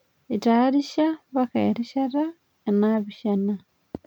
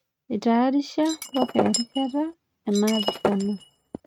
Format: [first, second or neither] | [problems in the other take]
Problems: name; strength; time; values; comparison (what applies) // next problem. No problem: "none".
first | noise reduction (neural mask model RNNoise)